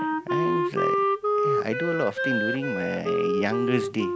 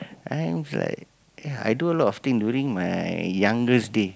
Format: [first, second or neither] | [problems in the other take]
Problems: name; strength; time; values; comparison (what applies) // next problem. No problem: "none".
second | background sound (Wind instrument, woodwind instrument); 4 dB above the speech